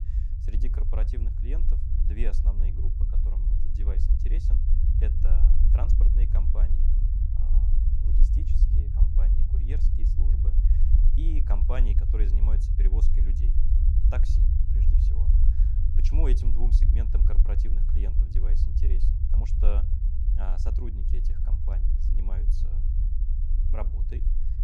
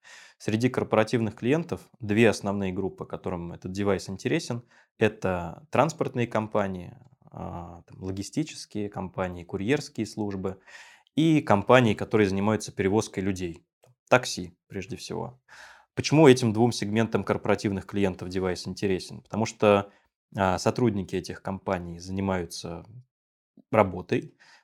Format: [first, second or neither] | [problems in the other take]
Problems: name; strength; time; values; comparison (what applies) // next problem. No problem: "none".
second | low rumble; loud; throughout; 1 dB below the speech